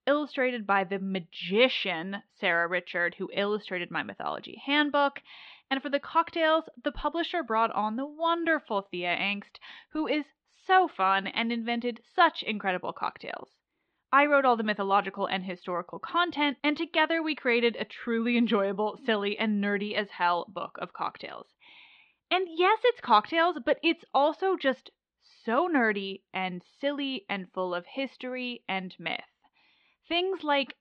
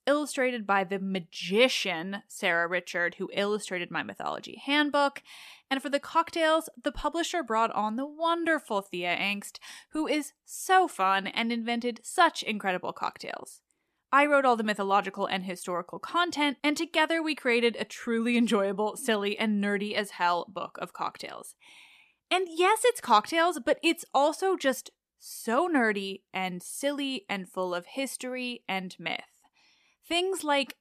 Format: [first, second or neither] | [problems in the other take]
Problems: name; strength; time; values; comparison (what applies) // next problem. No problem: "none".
second | muffled; very slightly; fading above 4 kHz